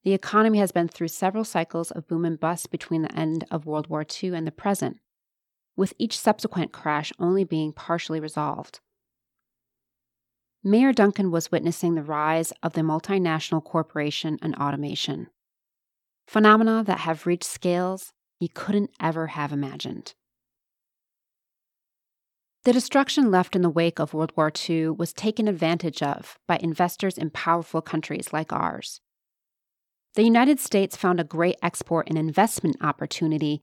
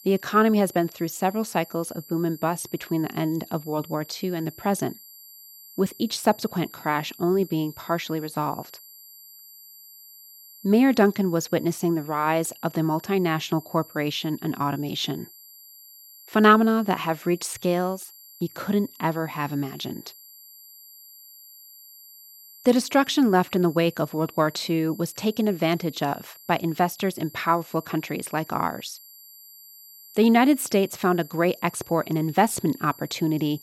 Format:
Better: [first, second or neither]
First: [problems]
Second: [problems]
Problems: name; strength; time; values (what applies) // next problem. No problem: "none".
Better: first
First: none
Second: high-pitched whine; faint; throughout; 12 kHz, 20 dB below the speech